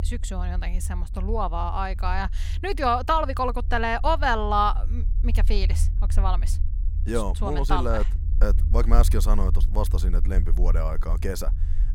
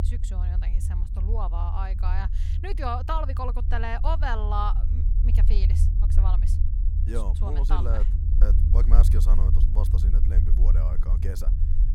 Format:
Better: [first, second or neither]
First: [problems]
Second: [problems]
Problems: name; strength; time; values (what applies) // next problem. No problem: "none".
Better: first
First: low rumble; faint; throughout; 20 dB below the speech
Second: low rumble; loud; throughout; 10 dB below the speech